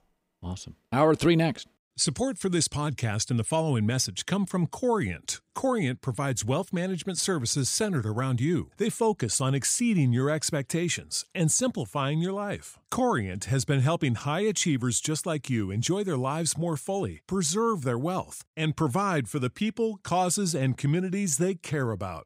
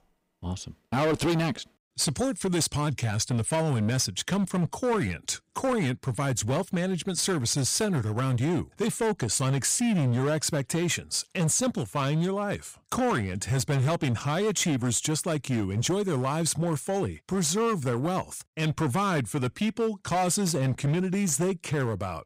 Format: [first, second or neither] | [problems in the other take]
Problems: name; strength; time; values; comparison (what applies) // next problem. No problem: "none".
first | distortion; slight; 15% of the sound clipped